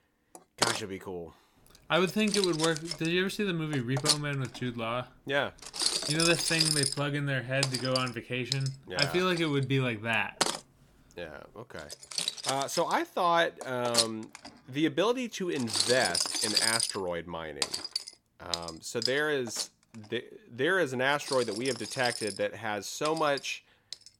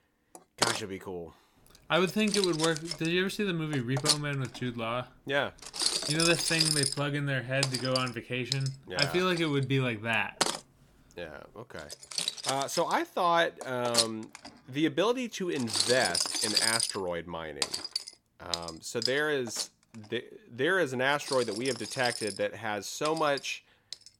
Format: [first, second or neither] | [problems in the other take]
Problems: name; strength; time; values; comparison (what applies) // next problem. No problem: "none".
neither | household noises; loud; throughout; as loud as the speech; the same in both